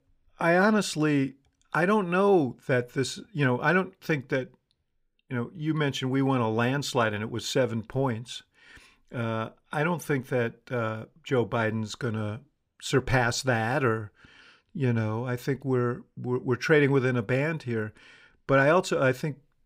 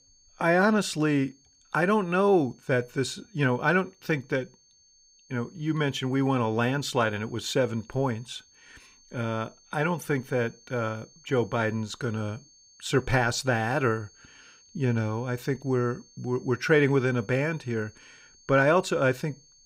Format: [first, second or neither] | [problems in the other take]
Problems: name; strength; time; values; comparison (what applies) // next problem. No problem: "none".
first | high-pitched whine; faint; throughout; 6.5 kHz, 30 dB below the speech